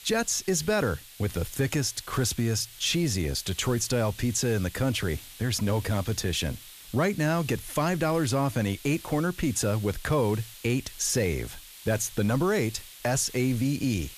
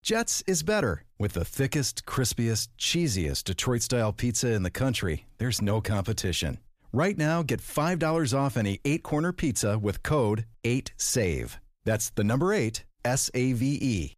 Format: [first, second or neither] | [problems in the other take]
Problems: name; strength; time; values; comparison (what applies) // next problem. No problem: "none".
second | hiss; noticeable; throughout; 15 dB below the speech